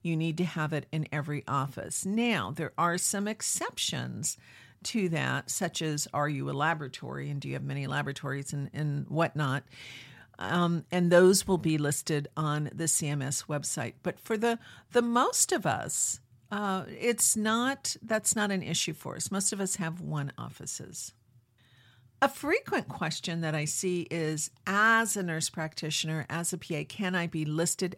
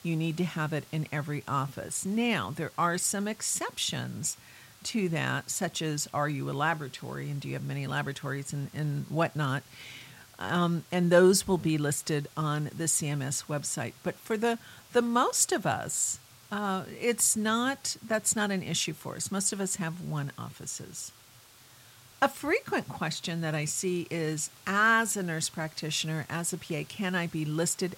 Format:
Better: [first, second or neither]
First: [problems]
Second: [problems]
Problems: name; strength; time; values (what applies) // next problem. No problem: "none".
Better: first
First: none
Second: hiss; faint; throughout; 25 dB below the speech